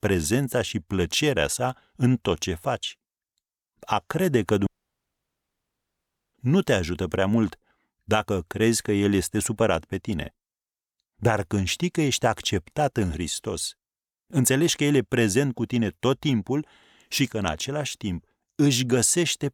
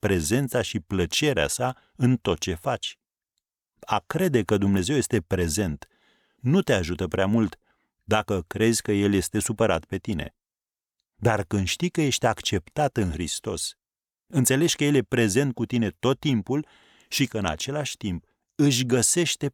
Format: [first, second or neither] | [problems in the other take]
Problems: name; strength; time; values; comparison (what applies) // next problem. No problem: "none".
second | audio cutting out; at 4.5 s for 1.5 s